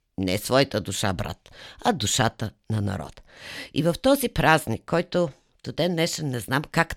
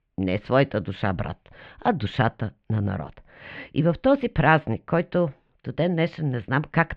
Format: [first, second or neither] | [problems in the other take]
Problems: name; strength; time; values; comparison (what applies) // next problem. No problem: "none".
first | muffled; very; fading above 2.5 kHz